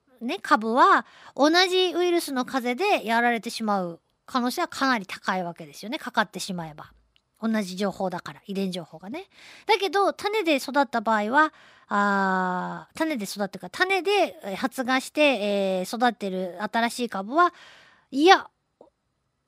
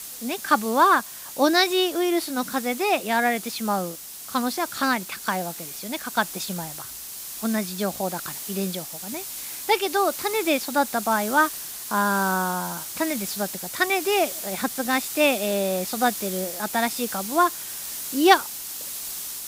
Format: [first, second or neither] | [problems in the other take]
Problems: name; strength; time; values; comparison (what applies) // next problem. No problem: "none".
first | hiss; loud; throughout; 8 dB below the speech